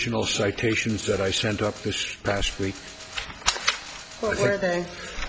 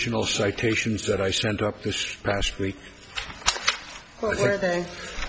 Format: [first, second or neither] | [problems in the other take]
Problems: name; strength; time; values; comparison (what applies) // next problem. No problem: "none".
second | background sound (Mechanisms); 16 dB below the speech